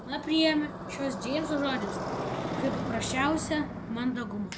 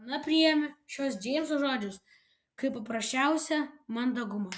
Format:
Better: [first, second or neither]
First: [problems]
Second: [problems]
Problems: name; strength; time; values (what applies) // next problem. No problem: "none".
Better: second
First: background sound (Motorcycle); 5 dB below the speech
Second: none